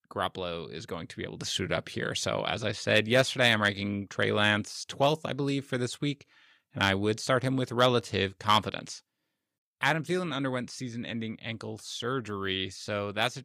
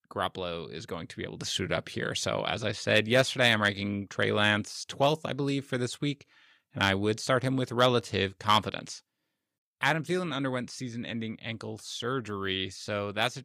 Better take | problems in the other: neither | none

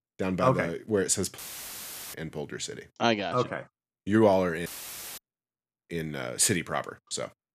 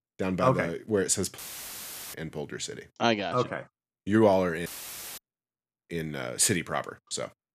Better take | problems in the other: neither | audio cutting out; filled with static; at 1.5 s for 1 s and at 4.5 s for 0.5 s; the same in both

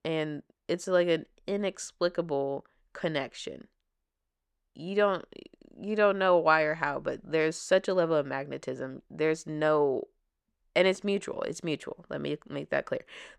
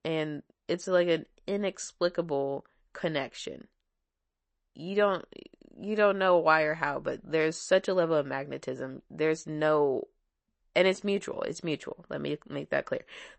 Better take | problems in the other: first | garbled, watery; slightly; nothing above 8 kHz

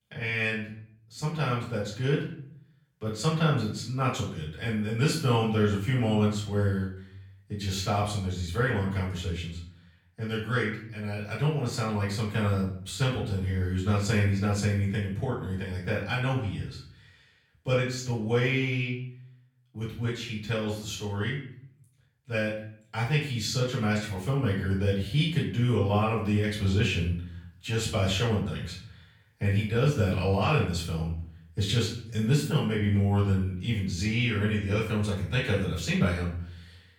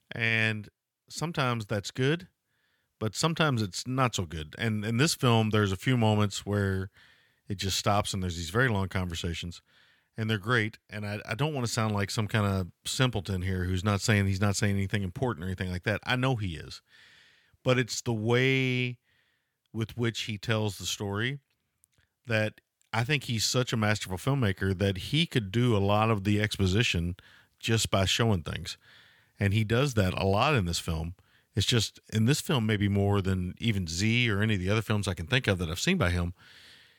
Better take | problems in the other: second | off-mic speech; far // room echo; noticeable; dies away in 0.5 s

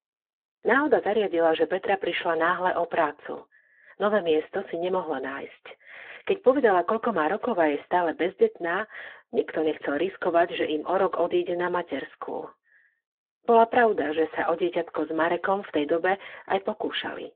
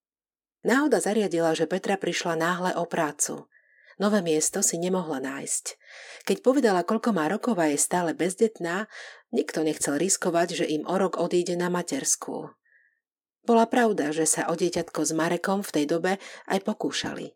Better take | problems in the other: second | phone-call audio

